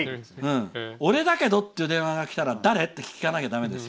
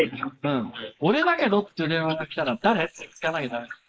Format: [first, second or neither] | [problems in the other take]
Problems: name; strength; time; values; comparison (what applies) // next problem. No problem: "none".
first | noise reduction (neural mask model Resemble Enhance denoiser)